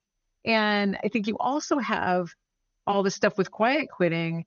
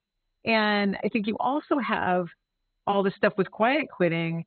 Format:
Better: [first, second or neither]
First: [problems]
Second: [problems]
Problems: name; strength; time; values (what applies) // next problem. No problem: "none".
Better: first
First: garbled, watery; slightly; nothing above 6.5 kHz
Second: garbled, watery; badly; nothing above 4 kHz